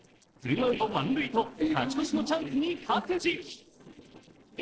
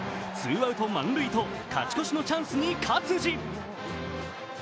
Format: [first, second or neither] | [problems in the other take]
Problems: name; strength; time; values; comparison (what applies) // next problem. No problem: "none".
second | noise reduction (neural separator model SepFormer DNS4)